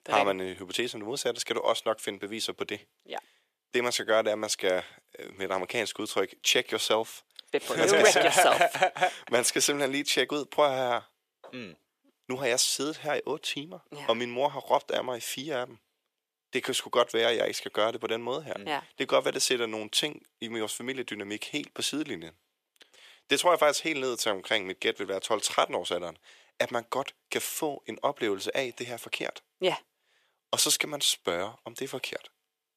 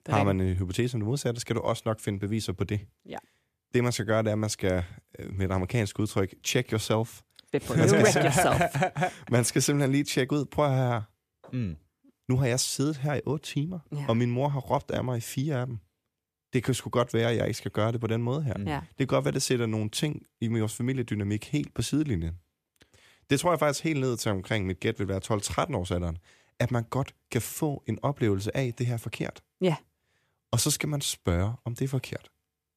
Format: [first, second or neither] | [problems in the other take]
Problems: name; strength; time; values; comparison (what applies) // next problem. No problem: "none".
second | thin; very; fading below 500 Hz